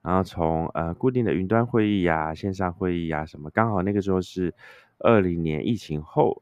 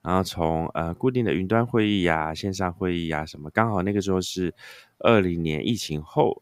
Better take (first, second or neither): second